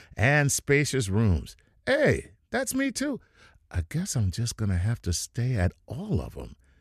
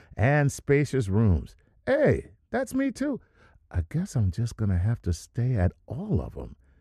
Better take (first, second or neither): first